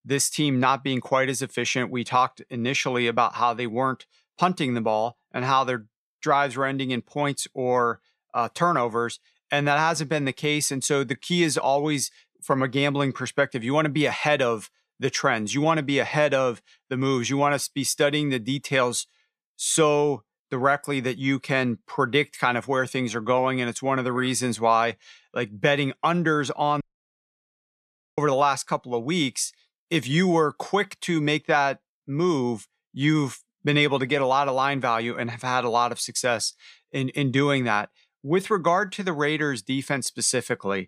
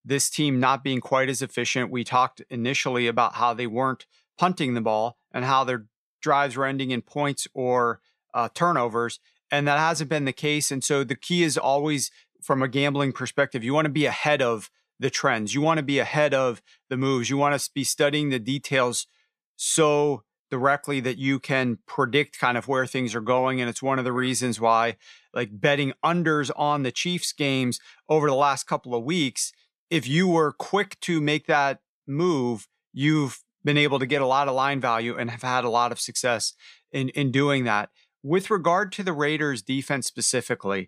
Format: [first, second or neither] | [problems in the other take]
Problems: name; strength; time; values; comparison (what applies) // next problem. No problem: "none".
second | audio cutting out; at 27 s for 1.5 s